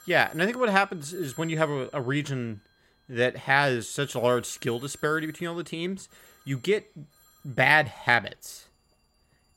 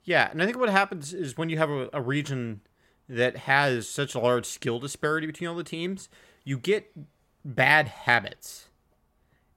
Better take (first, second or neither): second